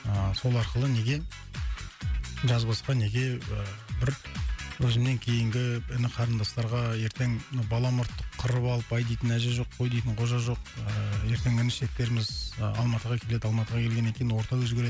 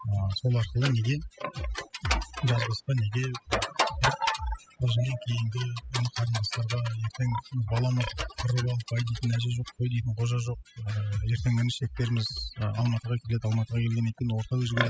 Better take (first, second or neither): first